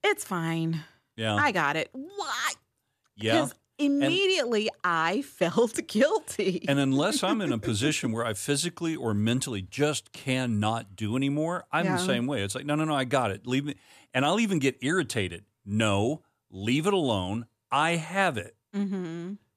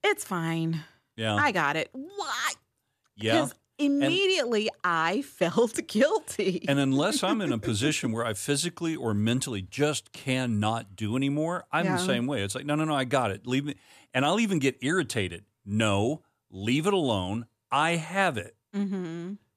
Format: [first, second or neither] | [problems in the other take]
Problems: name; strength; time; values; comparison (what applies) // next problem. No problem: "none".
neither | none